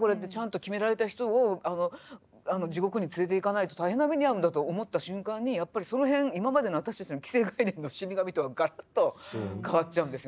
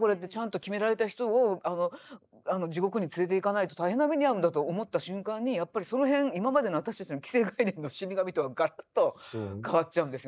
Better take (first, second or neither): first